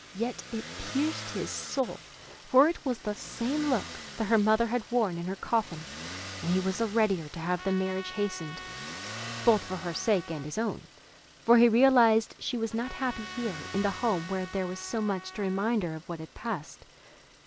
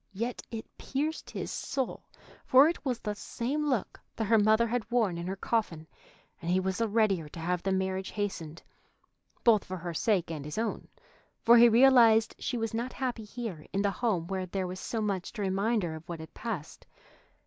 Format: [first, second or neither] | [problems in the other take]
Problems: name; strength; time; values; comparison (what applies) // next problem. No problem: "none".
second | background sound (Motor vehicle (road) + Trumpet); 14 dB below the speech